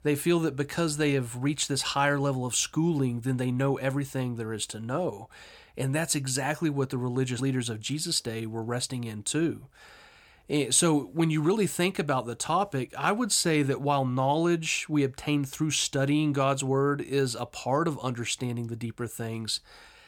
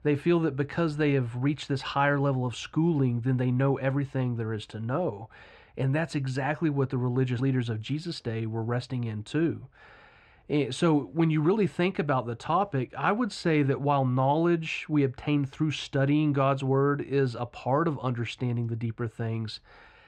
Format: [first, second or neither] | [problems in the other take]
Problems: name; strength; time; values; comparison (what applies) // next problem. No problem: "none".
first | muffled; slightly; fading above 2.5 kHz